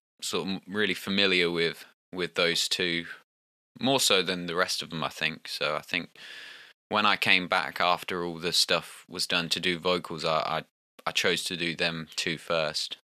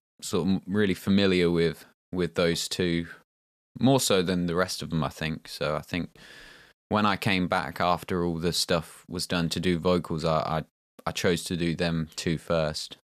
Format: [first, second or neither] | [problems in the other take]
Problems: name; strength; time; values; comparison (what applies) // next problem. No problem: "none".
second | thin; somewhat; fading below 850 Hz